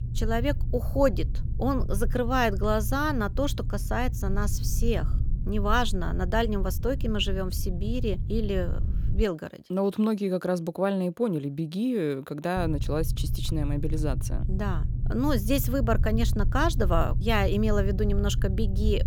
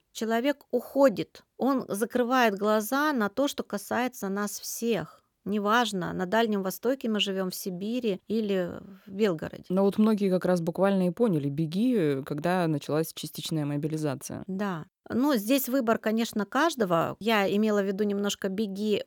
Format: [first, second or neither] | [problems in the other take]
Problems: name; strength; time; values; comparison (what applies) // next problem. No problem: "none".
second | low rumble; noticeable; until 9 s and from 13 s on; 15 dB below the speech